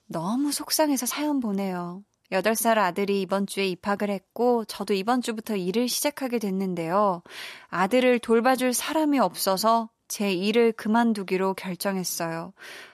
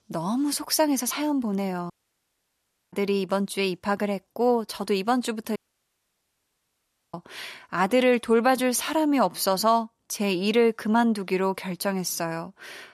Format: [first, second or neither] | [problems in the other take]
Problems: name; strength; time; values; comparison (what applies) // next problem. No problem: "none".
first | audio cutting out; at 2 s for 1 s and at 5.5 s for 1.5 s